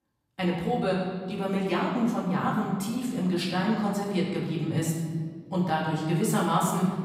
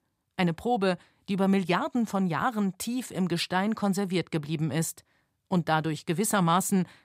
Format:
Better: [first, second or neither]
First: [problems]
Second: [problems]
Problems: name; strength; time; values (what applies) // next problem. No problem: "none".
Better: second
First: off-mic speech; far // room echo; noticeable; dies away in 1.9 s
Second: none